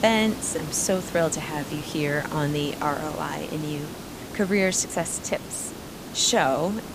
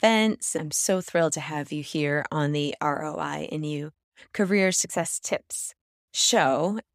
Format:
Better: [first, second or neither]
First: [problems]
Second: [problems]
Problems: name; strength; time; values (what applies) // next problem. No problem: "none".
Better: second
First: hiss; noticeable; throughout; 10 dB below the speech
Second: none